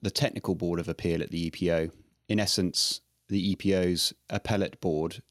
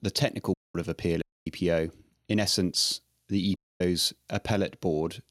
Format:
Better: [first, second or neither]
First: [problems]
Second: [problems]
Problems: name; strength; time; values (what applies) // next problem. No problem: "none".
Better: first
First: none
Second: audio cutting out; at 0.5 s, at 1 s and at 3.5 s